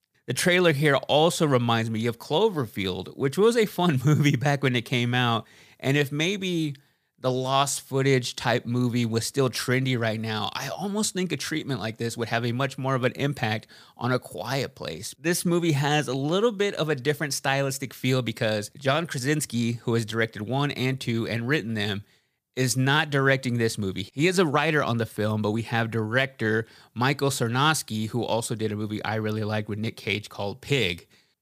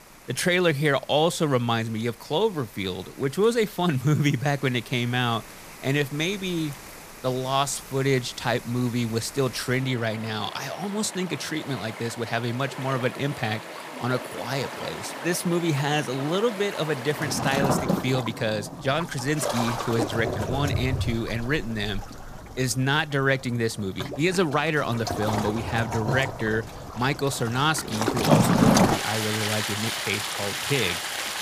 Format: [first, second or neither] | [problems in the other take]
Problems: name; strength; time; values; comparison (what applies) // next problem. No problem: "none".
first | rain or running water; loud; throughout; 3 dB below the speech